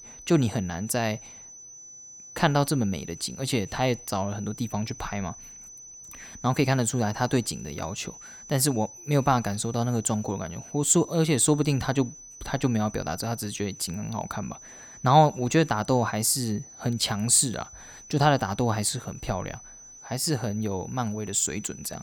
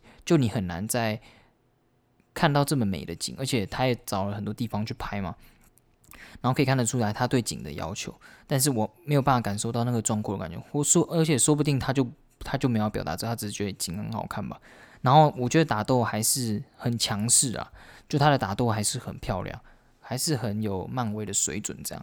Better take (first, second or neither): second